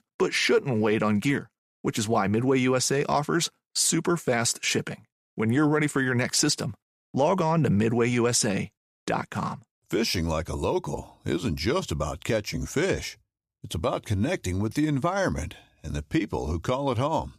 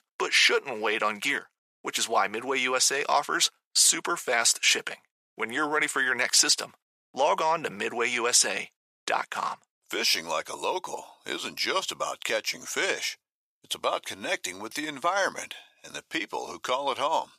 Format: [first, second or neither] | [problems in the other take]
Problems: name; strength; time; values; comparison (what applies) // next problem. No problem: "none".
first | thin; very; fading below 700 Hz